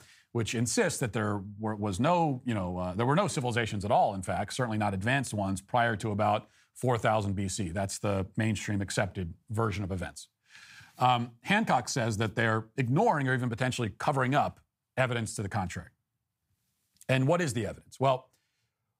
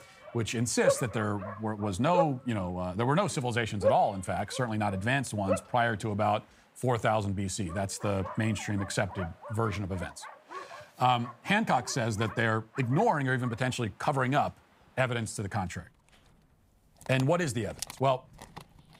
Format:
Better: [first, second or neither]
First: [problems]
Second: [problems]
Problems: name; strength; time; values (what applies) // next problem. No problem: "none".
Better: first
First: none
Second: animal sounds; loud; throughout; 8 dB below the speech